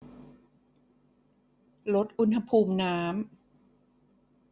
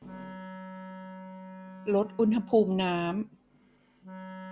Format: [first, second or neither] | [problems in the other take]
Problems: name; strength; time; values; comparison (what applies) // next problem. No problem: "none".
first | background sound (Wind instrument, woodwind instrument); 14 dB below the speech